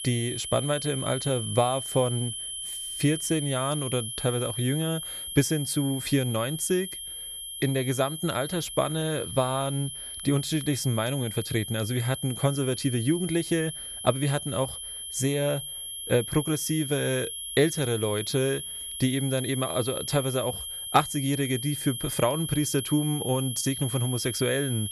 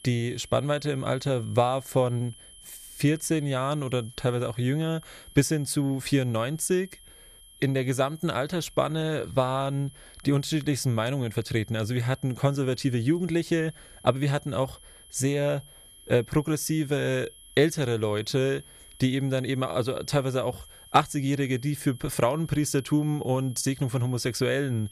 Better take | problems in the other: second | high-pitched whine; loud; throughout; 3 kHz, 6 dB below the speech; faint in the second

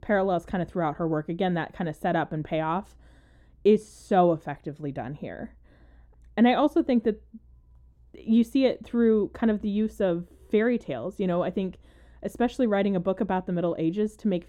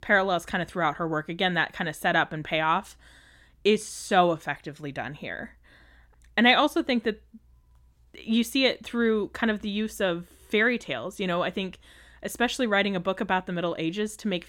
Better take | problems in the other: second | muffled; slightly; fading above 1 kHz

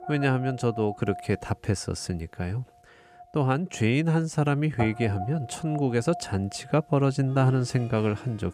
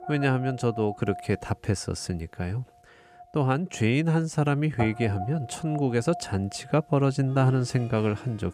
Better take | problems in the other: neither | background music; noticeable; throughout; 15 dB below the speech; the same in both

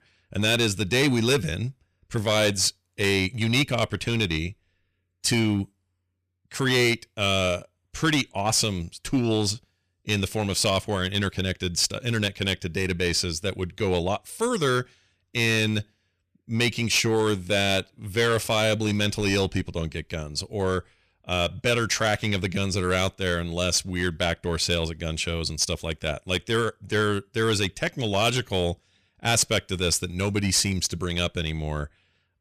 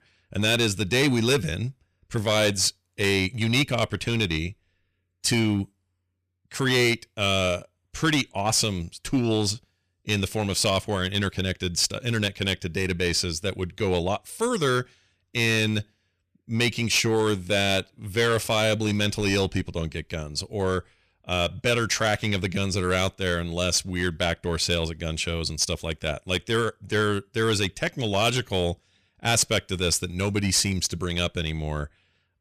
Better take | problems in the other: neither | distortion; slight; 4% of the sound clipped; the same in both

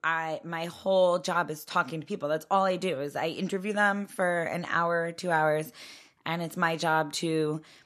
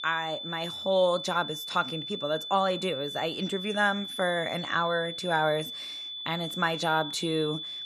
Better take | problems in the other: first | high-pitched whine; loud; throughout; 3.5 kHz, 6 dB below the speech

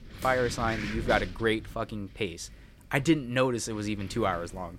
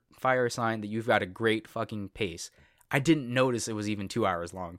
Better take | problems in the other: second | wind noise on the microphone; occasional gusts; 10 dB below the speech

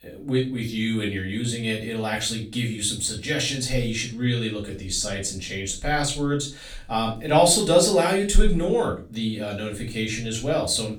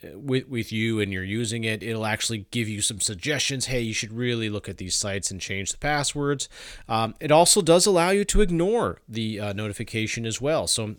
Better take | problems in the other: second | off-mic speech; far // room echo; slight; dies away in 0.3 s

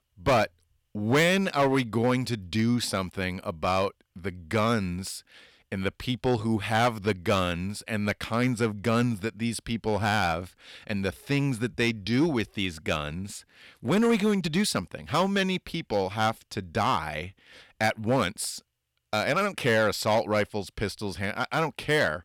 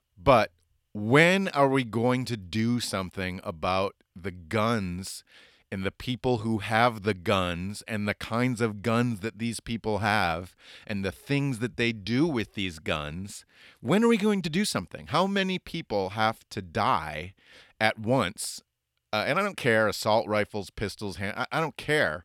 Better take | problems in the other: second | distortion; slight; 3% of the sound clipped

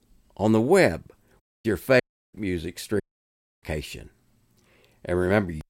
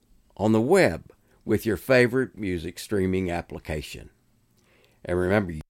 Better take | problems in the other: second | audio cutting out; at 1.5 s, at 2 s and at 3 s for 0.5 s

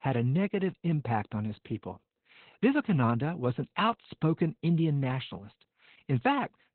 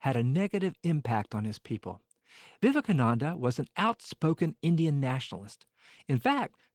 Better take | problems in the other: second | garbled, watery; badly; nothing above 4 kHz; slightly in the second

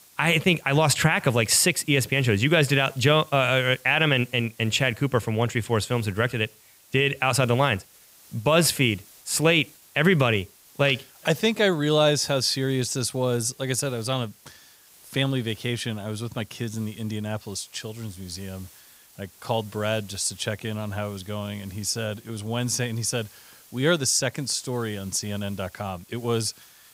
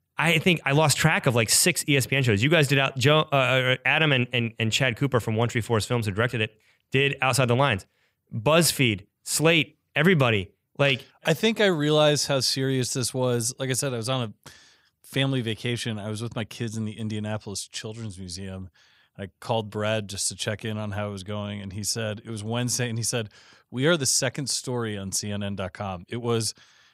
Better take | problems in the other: second | hiss; faint; throughout; 25 dB below the speech

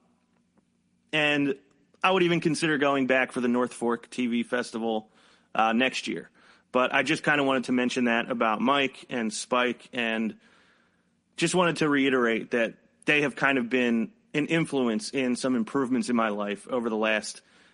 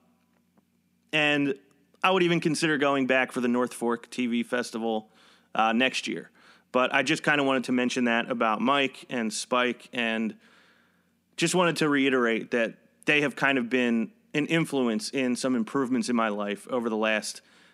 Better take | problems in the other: second | garbled, watery; slightly; nothing above 10.5 kHz

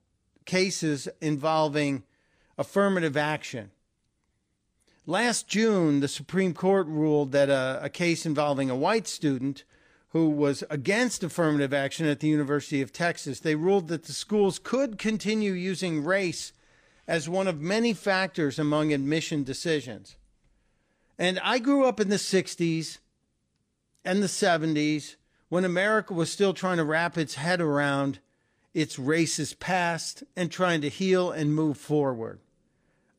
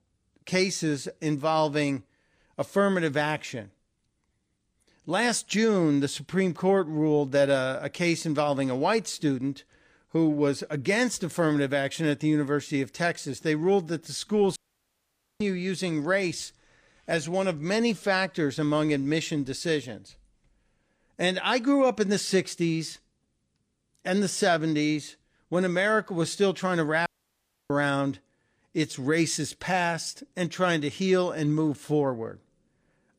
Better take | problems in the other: first | audio cutting out; at 15 s for 1 s and at 27 s for 0.5 s

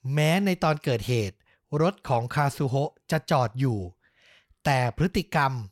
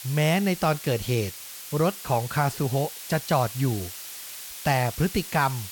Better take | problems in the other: first | hiss; noticeable; throughout; 10 dB below the speech

